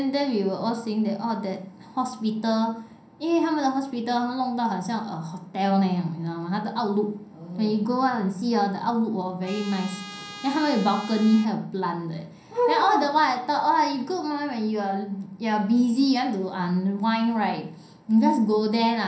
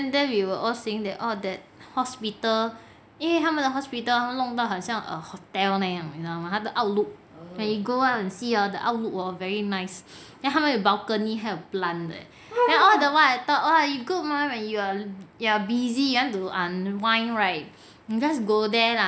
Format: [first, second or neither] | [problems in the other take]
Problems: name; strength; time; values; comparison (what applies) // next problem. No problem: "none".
second | background sound (Trumpet); 16 dB below the speech // room echo; dies away in 0.6 s